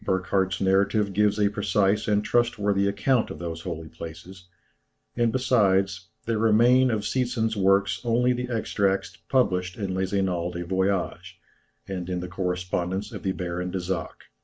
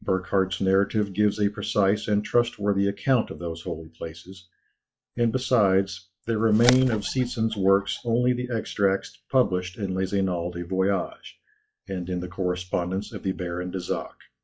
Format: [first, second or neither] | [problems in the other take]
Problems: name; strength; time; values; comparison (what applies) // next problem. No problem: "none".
first | noise reduction (classical method log-MMSE)